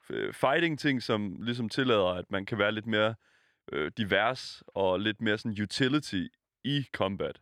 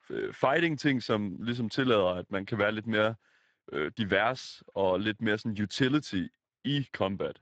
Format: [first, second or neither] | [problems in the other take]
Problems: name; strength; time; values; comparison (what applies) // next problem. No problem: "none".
first | garbled, watery; badly; nothing above 7.5 kHz